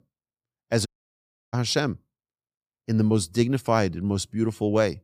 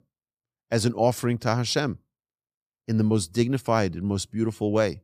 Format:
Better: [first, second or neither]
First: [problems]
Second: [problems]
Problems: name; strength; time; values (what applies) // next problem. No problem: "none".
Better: second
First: audio cutting out; at 1 s for 0.5 s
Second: none